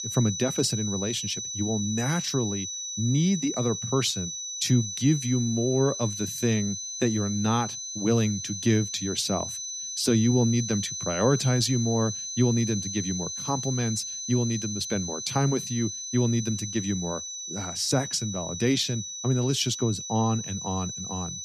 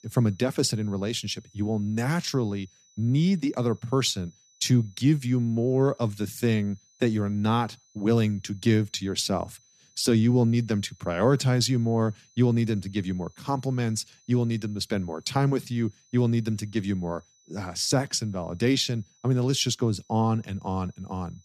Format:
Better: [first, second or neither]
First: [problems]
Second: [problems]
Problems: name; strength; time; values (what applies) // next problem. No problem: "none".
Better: second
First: high-pitched whine; loud; throughout; 6 kHz, 5 dB below the speech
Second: high-pitched whine; faint; throughout; 6 kHz, 30 dB below the speech